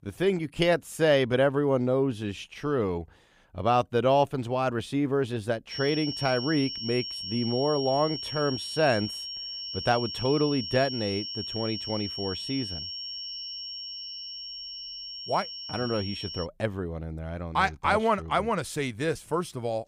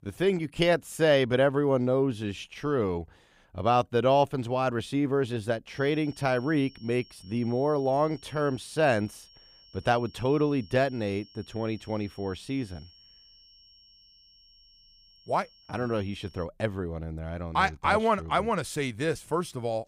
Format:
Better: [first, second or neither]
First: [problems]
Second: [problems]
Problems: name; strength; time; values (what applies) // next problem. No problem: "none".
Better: second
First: high-pitched whine; loud; from 5.5 to 16 s; 5.5 kHz, 6 dB below the speech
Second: high-pitched whine; faint; from 5.5 to 16 s; 5.5 kHz, 25 dB below the speech